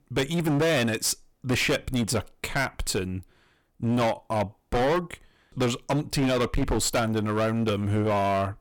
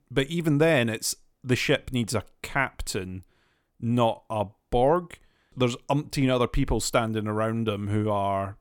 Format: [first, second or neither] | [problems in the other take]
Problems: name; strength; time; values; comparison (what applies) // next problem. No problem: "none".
second | distortion; heavy; 17% of the sound clipped